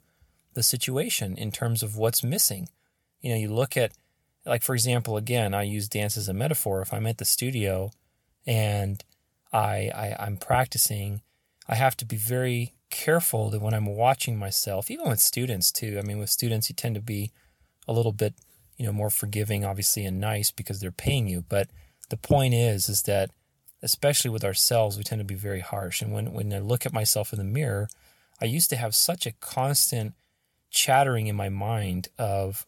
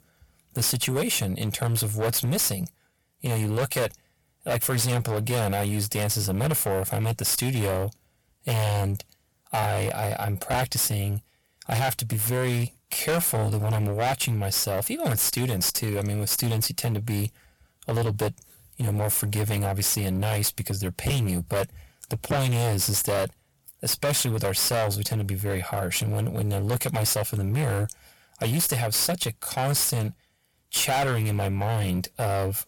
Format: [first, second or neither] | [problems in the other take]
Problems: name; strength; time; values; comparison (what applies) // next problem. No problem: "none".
first | distortion; heavy; 21% of the sound clipped